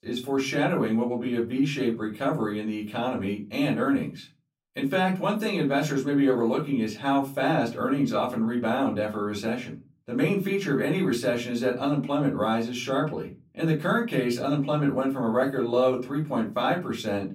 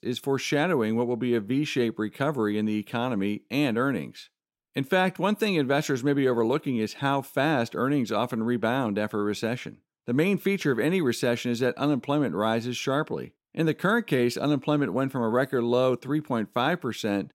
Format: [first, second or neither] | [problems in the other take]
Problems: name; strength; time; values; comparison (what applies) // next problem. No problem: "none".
second | off-mic speech; far // room echo; very slight; dies away in 0.3 s